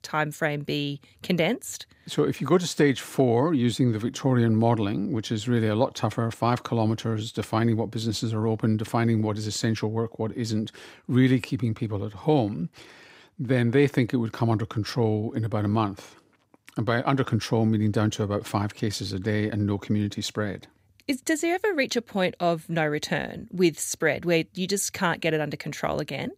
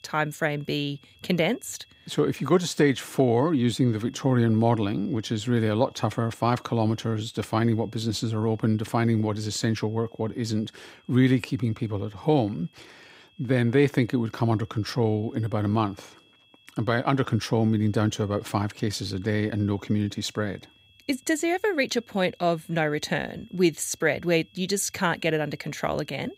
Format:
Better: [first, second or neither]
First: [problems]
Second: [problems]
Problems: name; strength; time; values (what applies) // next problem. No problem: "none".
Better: first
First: none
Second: high-pitched whine; faint; throughout; 3.5 kHz, 30 dB below the speech